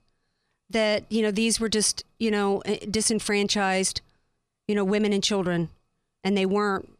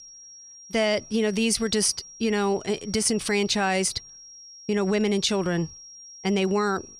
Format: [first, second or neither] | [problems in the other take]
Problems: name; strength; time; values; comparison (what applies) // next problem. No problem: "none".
first | high-pitched whine; noticeable; throughout; 5.5 kHz, 20 dB below the speech